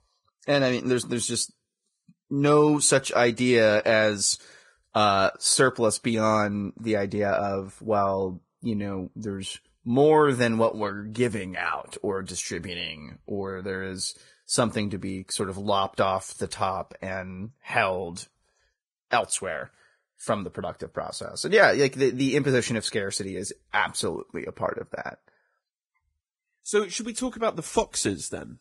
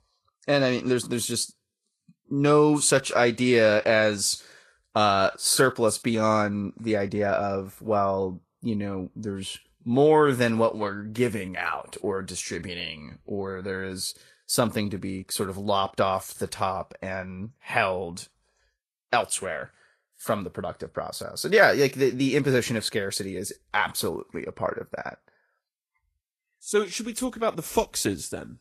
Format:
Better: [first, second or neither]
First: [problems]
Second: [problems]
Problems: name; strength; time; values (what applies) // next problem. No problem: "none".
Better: second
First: garbled, watery; badly; nothing above 10 kHz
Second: garbled, watery; slightly; nothing above 12 kHz